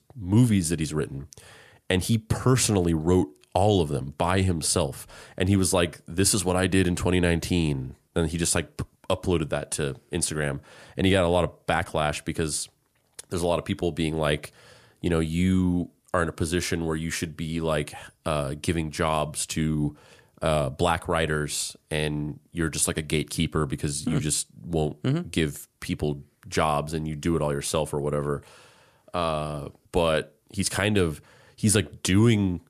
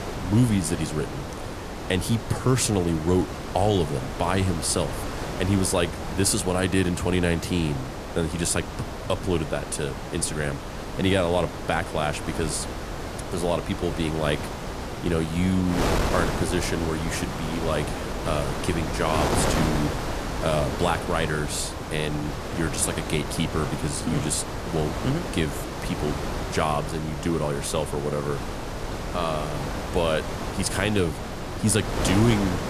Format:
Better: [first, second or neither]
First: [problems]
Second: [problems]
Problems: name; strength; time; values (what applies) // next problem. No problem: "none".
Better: first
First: none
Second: wind noise on the microphone; heavy; 4 dB below the speech